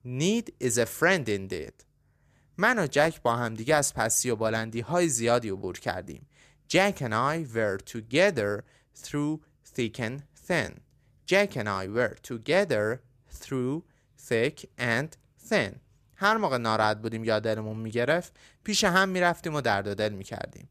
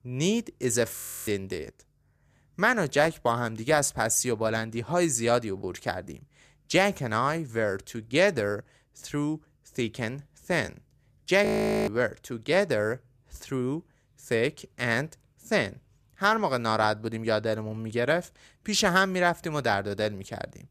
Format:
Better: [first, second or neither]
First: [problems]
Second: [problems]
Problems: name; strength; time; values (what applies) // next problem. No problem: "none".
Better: first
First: none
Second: audio freezing; at 1 s and at 11 s